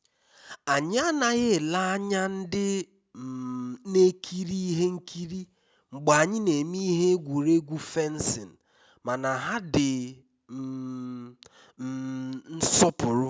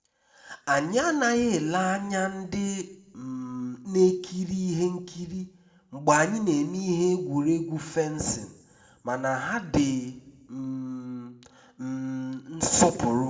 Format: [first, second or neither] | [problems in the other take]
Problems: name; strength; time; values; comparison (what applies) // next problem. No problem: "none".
first | room echo; dies away in 0.7 s